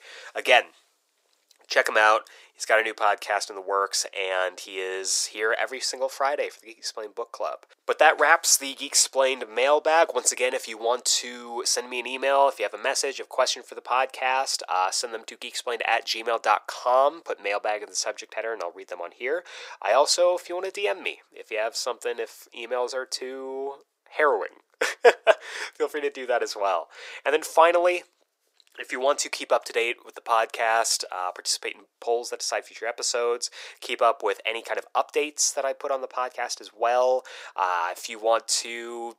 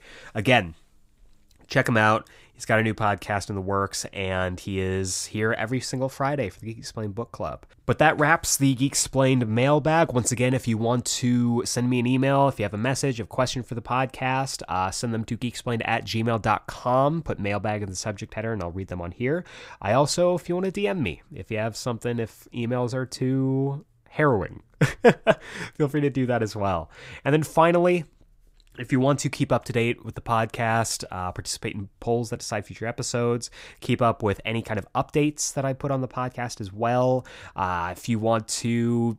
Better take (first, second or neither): second